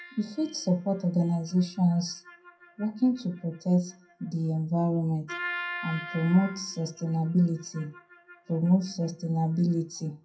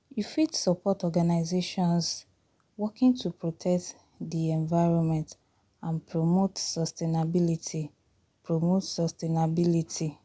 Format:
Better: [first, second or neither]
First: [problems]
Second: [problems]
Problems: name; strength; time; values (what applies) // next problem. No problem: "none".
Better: second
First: noise reduction (classical method WPE with log-MMSE)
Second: none